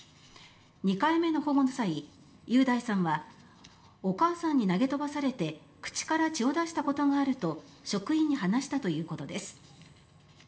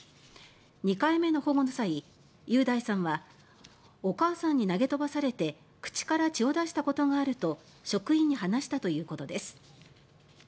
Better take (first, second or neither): second